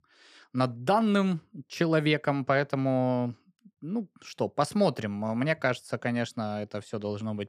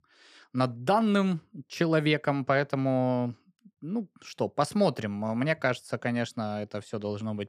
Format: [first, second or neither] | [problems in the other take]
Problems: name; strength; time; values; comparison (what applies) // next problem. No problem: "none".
neither | none